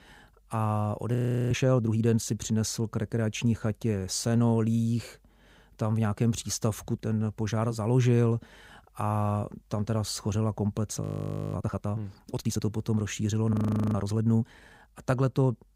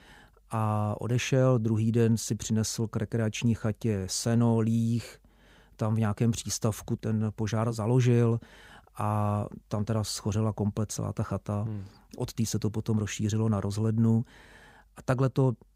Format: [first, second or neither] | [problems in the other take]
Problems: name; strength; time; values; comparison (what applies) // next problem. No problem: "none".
second | audio freezing; at 1 s, at 11 s for 0.5 s and at 14 s